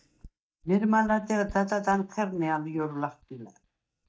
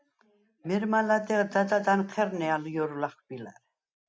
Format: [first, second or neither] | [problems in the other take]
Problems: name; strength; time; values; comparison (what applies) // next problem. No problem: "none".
second | noise reduction (neural mask model DeepFilterNet 3)